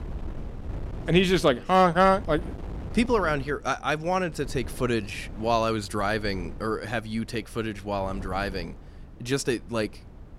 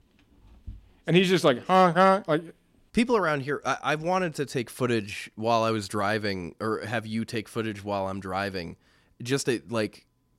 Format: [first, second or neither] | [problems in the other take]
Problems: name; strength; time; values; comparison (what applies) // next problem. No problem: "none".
second | wind noise on the microphone; occasional gusts; 20 dB below the speech